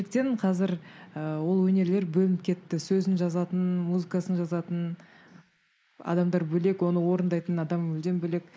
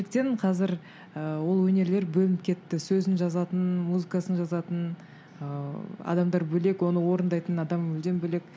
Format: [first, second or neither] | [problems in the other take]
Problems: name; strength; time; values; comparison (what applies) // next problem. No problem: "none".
second | noise reduction (neural mask model Resemble Enhance denoiser)